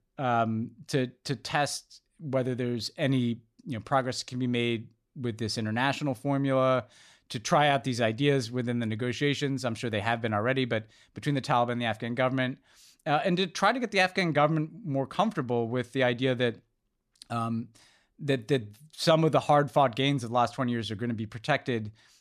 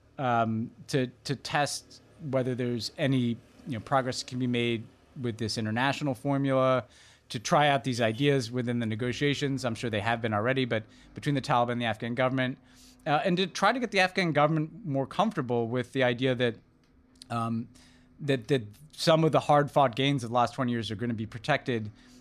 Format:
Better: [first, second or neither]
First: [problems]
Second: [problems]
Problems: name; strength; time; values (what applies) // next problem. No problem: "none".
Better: first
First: none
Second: traffic noise; faint; throughout; 30 dB below the speech